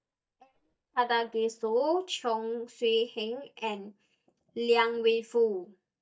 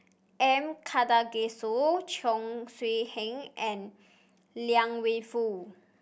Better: second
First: noise reduction (neural mask model DeepFilterNet 3)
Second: none

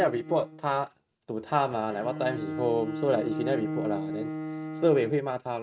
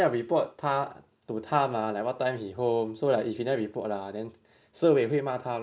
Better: second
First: noise reduction (neural mask model RNNoise)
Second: none

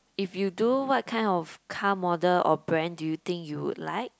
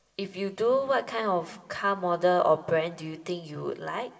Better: first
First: none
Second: room echo; dies away in 1.8 s

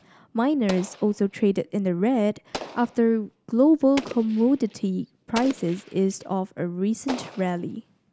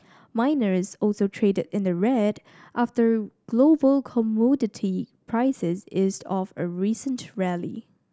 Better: second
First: background sound (Explosion); 17 dB below the speech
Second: none

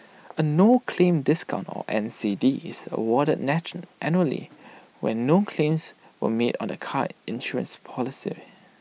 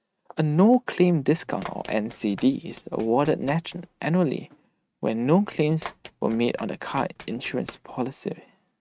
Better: first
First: none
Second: noise reduction (neural mask model RNNoise)

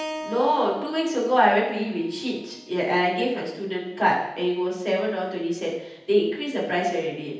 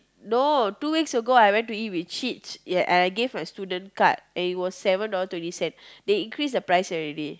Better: second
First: background sound (Keyboard (musical)); 17 dB below the speech // room echo; dies away in 0.8 s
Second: none

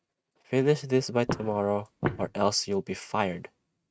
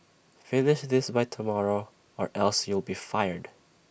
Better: second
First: noise reduction (neural mask model RNNoise)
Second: none

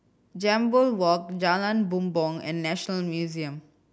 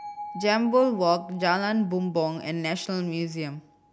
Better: first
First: none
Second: background sound (Bell); 17 dB below the speech

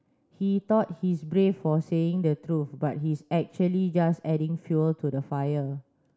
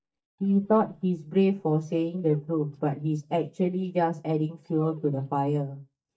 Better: first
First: none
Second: noise reduction (neural mask model DeepFilterNet 3)

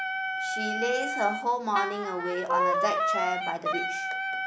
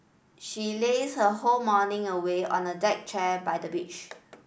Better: second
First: background sound (Wind instrument, woodwind instrument); 2 dB above the speech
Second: none

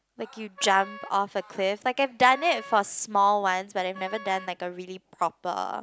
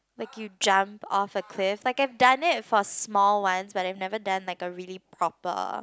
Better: second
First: background sound (Wind instrument, woodwind instrument); 18 dB below the speech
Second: none

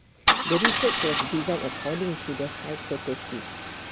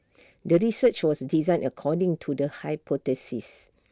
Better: second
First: background sound (Idling / Engine starting / Car); 1 dB above the speech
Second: none

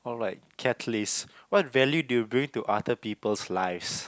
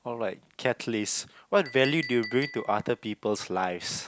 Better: first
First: none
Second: background sound (Chink, clink); 17 dB below the speech

